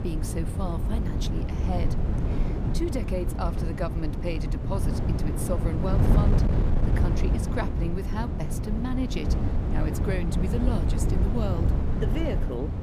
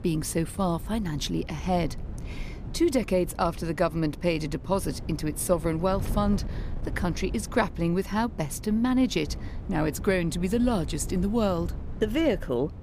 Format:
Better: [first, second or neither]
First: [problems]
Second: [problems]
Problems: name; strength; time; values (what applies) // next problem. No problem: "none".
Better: second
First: wind noise on the microphone; heavy; 1 dB below the speech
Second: wind noise on the microphone; occasional gusts; 20 dB below the speech